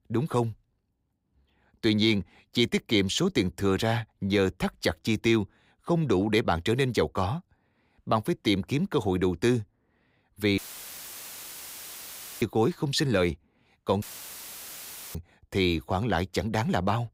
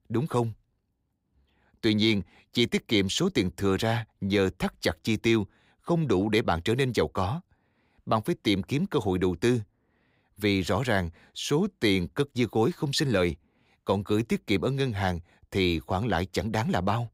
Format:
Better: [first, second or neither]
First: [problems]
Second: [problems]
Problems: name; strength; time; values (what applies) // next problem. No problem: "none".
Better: second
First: audio cutting out; filled with static; at 11 s for 2 s and at 14 s for 1 s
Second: none